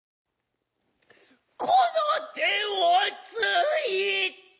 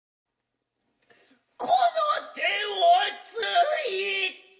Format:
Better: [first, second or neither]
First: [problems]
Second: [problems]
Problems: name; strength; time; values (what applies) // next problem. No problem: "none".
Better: first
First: none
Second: room echo; dies away in 0.5 s